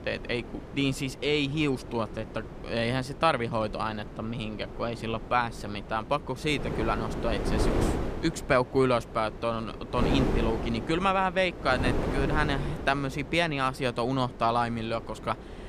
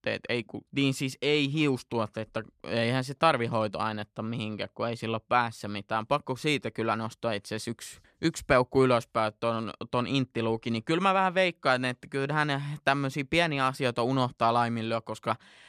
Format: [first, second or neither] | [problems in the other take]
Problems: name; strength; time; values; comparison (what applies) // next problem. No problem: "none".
second | wind noise on the microphone; heavy; 10 dB below the speech